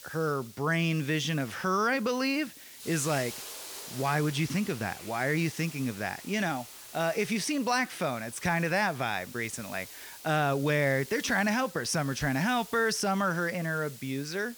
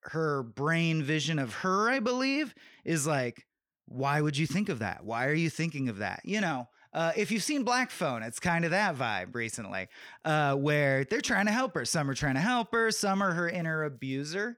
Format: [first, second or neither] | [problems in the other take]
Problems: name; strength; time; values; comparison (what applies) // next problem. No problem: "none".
second | hiss; noticeable; throughout; 15 dB below the speech